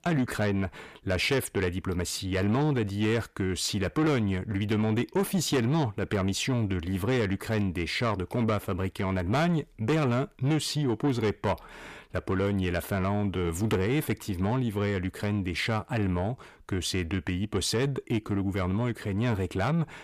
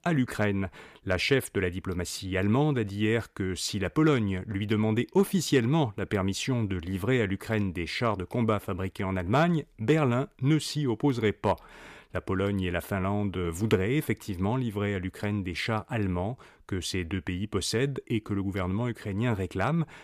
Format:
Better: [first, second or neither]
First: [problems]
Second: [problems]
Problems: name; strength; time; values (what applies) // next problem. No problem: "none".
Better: second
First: distortion; slight; 10 dB below the speech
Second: none